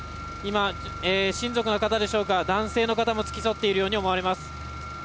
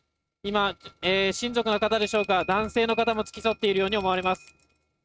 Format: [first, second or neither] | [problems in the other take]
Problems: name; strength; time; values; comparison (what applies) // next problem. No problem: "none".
first | noise reduction (neural mask model RNNoise)